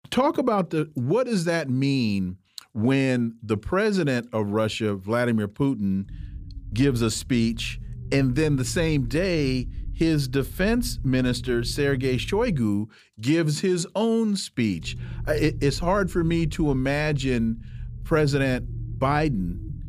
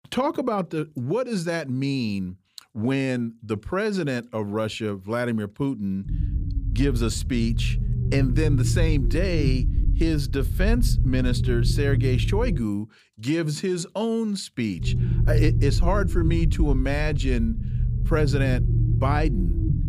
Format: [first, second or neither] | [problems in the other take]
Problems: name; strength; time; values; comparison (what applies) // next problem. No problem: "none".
first | low rumble; loud; from 6 to 13 s and from 15 s on; 10 dB below the speech; faint in the first